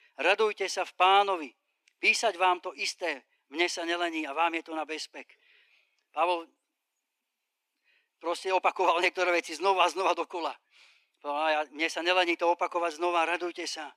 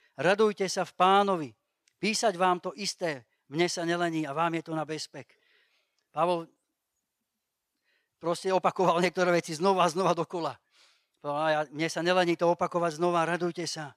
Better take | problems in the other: second | thin; very; fading below 250 Hz

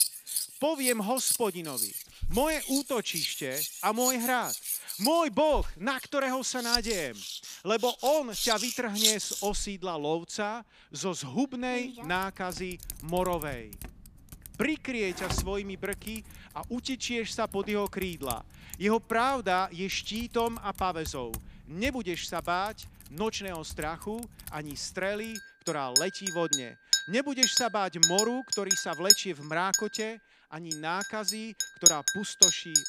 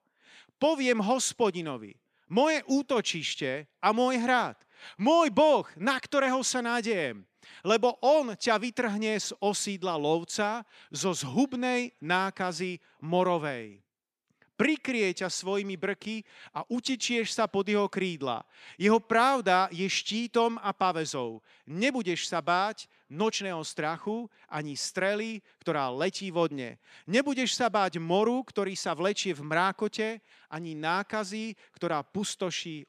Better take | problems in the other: second | household noises; very loud; throughout; 3 dB above the speech

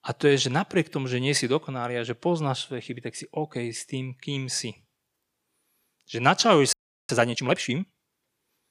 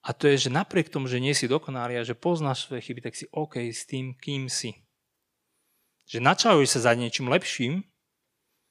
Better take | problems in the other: second | audio freezing; at 6.5 s

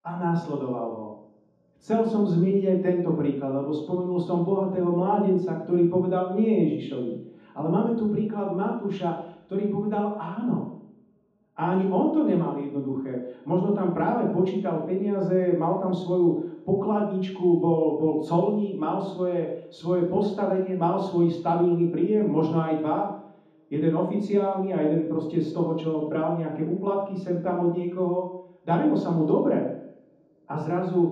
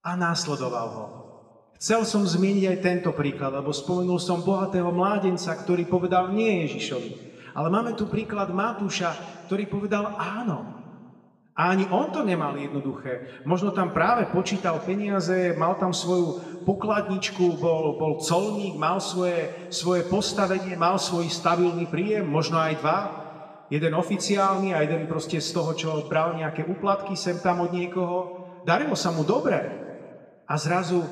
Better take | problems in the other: second | room echo; strong; dies away in 0.9 s; slight in the second // off-mic speech; far; somewhat distant in the second

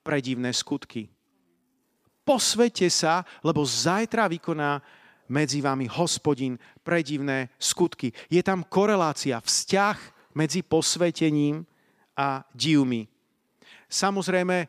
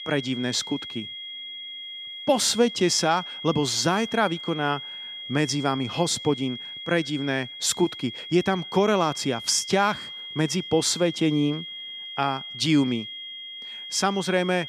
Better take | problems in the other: first | high-pitched whine; noticeable; throughout; 3.5 kHz, 10 dB below the speech

